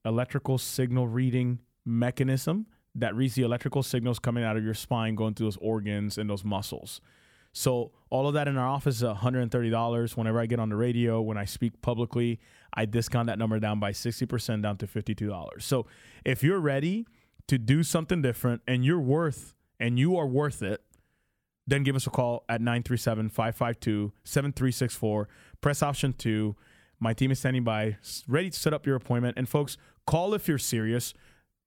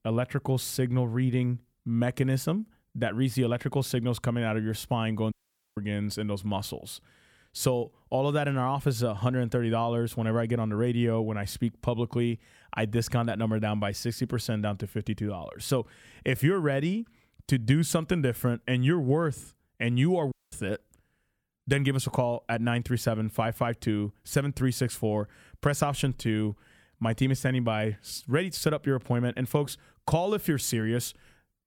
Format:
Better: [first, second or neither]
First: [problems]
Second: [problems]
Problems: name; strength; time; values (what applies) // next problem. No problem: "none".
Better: first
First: none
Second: audio cutting out; at 5.5 s and at 20 s